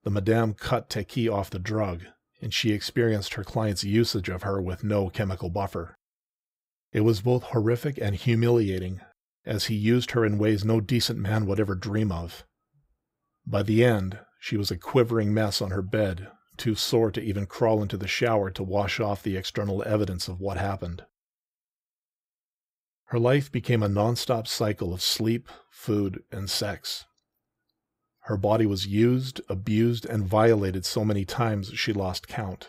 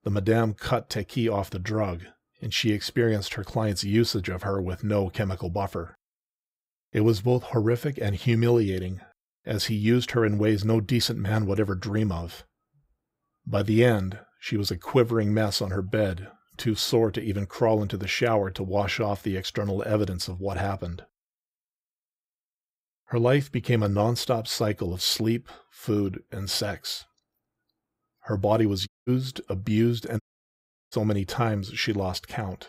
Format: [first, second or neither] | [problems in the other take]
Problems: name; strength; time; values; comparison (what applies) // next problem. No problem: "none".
first | audio cutting out; at 29 s and at 30 s for 0.5 s